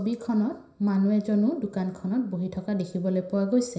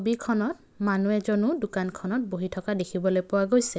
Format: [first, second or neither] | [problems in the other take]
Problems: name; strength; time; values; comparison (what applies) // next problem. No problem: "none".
second | room echo; dies away in 0.5 s